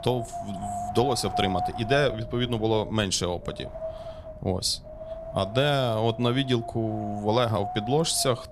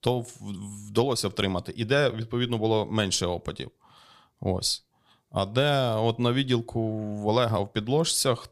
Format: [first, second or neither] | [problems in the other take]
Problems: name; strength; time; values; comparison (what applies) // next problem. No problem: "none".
second | wind noise on the microphone; heavy; 7 dB below the speech